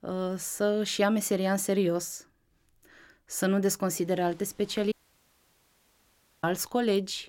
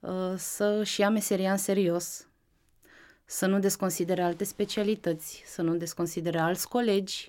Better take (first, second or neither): second